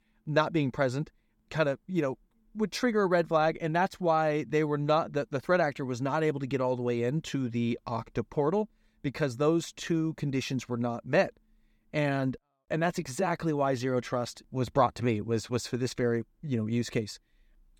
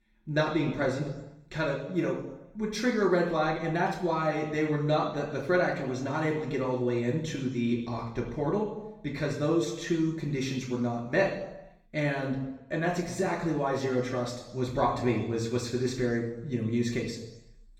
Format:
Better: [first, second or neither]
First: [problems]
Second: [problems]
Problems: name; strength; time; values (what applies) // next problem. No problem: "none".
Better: first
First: none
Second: room echo; noticeable; dies away in 0.8 s // off-mic speech; far